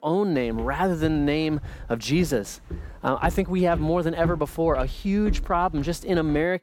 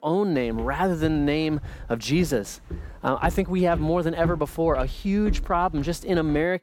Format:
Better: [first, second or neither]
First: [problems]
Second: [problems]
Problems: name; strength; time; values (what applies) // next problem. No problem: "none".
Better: neither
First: footsteps; noticeable; peak 7 dB below the speech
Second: footsteps; noticeable; peak 7 dB below the speech